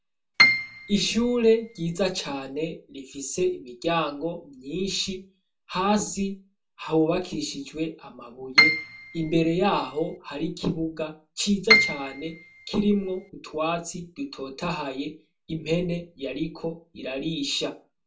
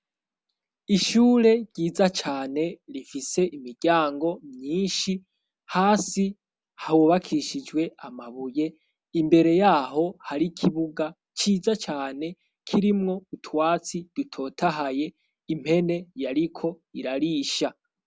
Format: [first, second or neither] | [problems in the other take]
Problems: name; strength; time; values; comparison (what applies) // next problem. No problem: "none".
second | background sound (Piano); 2 dB above the speech // room echo; dies away in 0.2 s